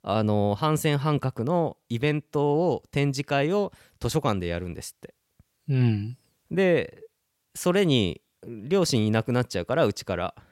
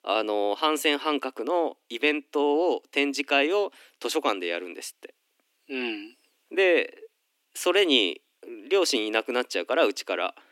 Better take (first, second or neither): first